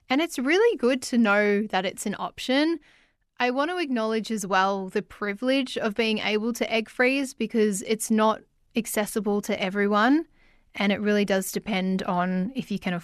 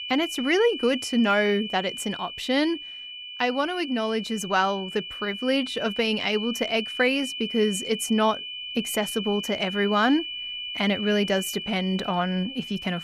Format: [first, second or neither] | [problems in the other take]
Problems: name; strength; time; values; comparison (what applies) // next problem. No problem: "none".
first | high-pitched whine; loud; throughout; 3 kHz, 8 dB below the speech